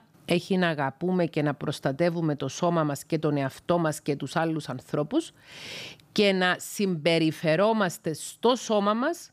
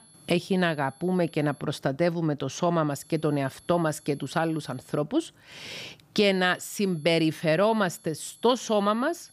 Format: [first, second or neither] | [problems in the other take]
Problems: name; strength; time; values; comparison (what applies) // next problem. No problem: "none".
first | high-pitched whine; faint; until 1.5 s, from 3 to 5 s and from 6 s on; 11 kHz, 25 dB below the speech